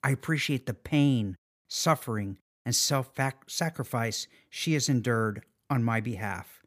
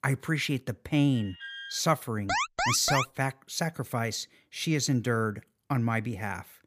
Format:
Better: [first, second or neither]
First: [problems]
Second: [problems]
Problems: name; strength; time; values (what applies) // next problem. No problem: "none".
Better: first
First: none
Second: alarm; noticeable; at 1 s; peak 10 dB below the speech // alarm; loud; at 2.5 s; peak 2 dB above the speech